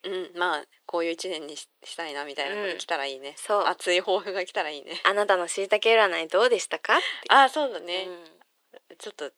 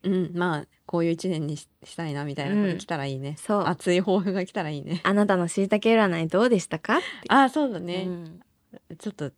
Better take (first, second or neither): second